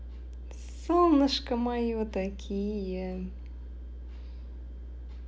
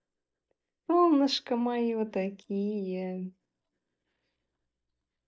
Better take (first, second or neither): first